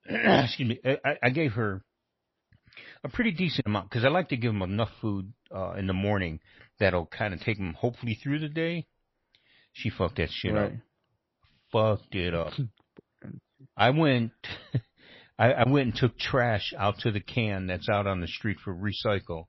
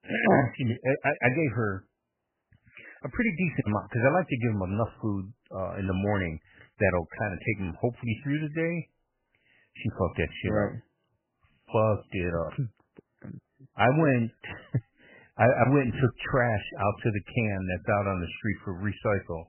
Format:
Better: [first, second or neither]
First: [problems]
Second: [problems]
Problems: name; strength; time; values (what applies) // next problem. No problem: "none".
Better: first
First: garbled, watery; slightly; nothing above 5.5 kHz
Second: garbled, watery; badly; nothing above 2.5 kHz